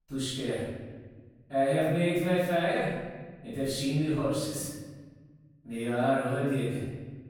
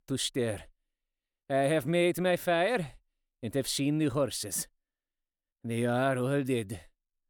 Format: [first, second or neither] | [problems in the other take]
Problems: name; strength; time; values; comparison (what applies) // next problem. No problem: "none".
second | off-mic speech; far // room echo; strong; dies away in 1.3 s